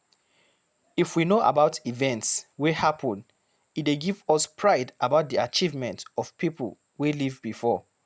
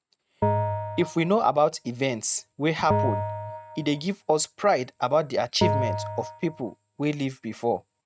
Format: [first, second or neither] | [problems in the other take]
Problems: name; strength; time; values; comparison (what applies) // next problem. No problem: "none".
first | noise reduction (neural mask model RNNoise)